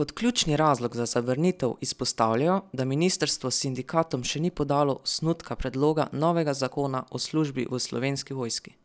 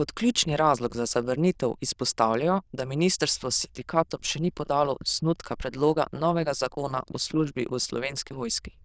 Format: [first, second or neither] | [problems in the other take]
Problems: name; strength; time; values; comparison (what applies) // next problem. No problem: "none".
first | noise reduction (neural diffusion model UNIVERSE++)